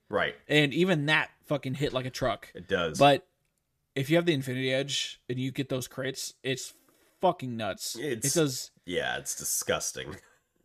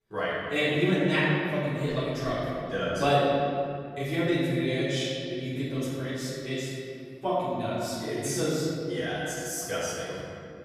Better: first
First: none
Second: off-mic speech; far // room echo; strong; dies away in 2.4 s

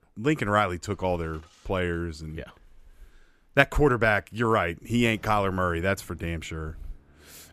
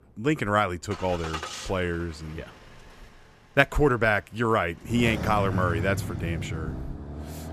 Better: first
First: traffic noise; faint; throughout; 30 dB below the speech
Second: traffic noise; loud; throughout; 8 dB below the speech

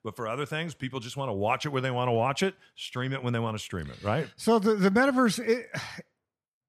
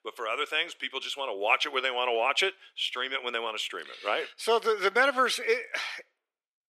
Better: first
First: none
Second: thin; very; fading below 350 Hz

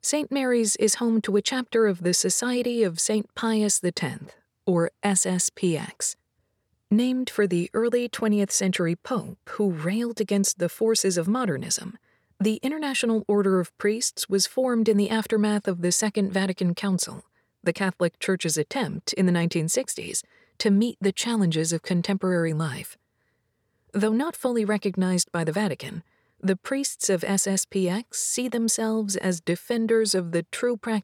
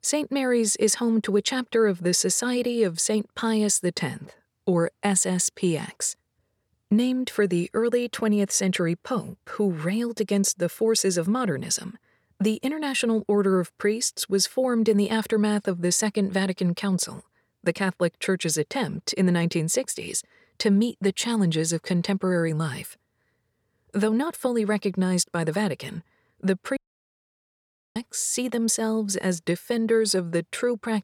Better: first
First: none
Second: audio cutting out; at 27 s for 1 s

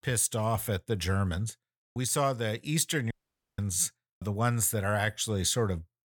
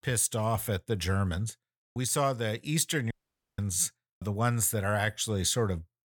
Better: neither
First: audio cutting out; at 3 s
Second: audio cutting out; at 3 s

